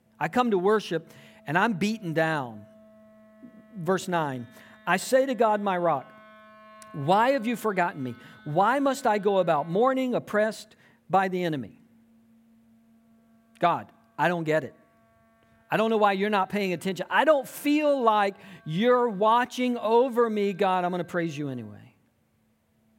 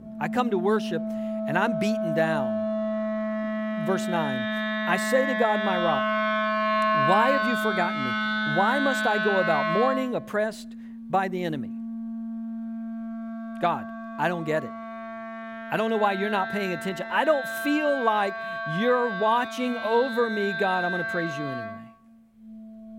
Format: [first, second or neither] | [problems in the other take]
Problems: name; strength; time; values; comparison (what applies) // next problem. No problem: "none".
first | background music; loud; throughout; 2 dB below the speech; faint in the first